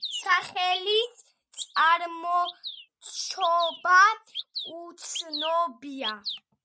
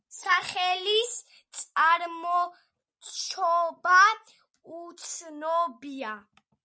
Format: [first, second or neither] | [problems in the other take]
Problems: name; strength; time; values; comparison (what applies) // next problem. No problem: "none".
second | noise reduction (neural mask model RNNoise)